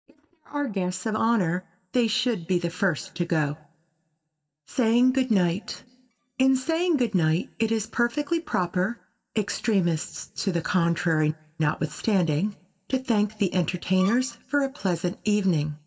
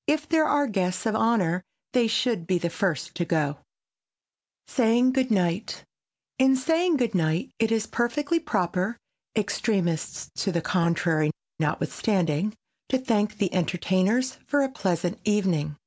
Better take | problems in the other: second | noise reduction (neural mask model DeepFilterNet 3)

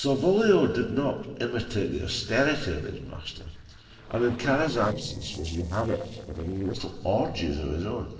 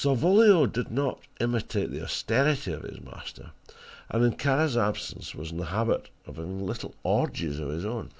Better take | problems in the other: second | noise reduction (neural separator model SepFormer DNS4)

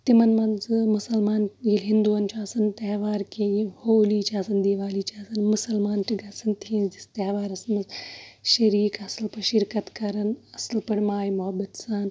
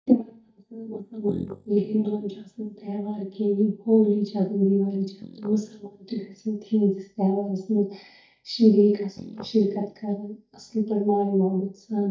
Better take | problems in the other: first | noise reduction (neural mask model DeepFilterNet 3)

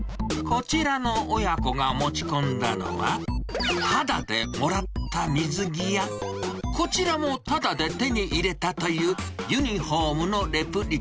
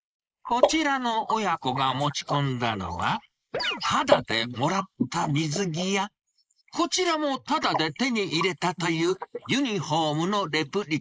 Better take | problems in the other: first | noise reduction (neural mask model Resemble Enhance denoiser)

